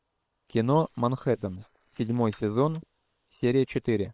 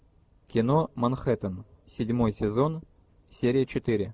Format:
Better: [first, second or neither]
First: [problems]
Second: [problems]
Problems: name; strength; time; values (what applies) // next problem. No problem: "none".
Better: second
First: noise reduction (neural separator model SepFormer WHAM!)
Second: none